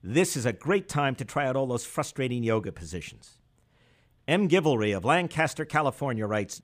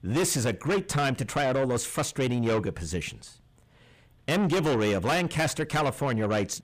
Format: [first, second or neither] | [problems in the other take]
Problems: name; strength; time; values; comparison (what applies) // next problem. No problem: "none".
first | distortion; heavy; 6 dB below the speech